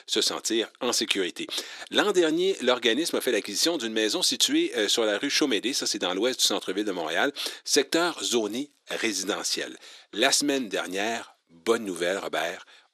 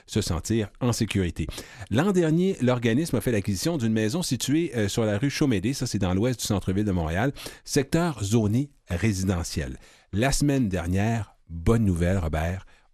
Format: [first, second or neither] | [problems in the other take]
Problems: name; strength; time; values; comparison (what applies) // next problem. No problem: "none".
second | thin; somewhat; fading below 350 Hz